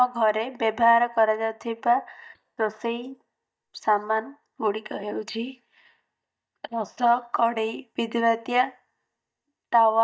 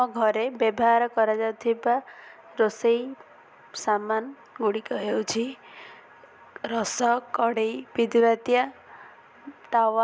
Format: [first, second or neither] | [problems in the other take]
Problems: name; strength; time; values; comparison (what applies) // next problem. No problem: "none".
second | noise reduction (neural mask model DeepFilterNet 3)